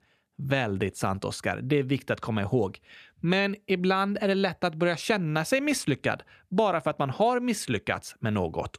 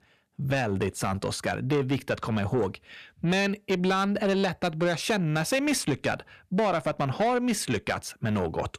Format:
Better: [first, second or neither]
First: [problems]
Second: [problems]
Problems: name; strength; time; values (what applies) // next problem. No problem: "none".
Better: first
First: none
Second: distortion; slight; 10 dB below the speech